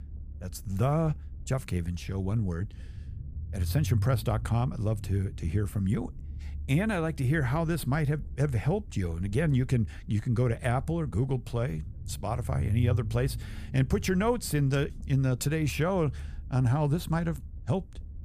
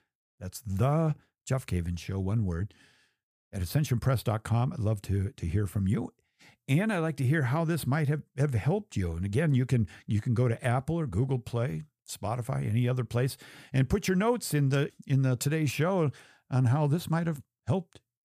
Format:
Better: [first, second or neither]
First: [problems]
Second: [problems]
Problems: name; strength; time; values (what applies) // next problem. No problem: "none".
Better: second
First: low rumble; faint; throughout; 20 dB below the speech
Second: none